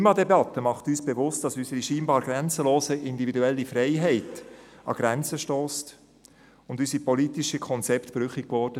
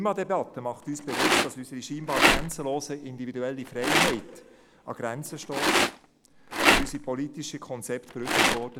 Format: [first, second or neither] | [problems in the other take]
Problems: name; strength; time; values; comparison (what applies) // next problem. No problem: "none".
first | background sound (Rattle); 5 dB above the speech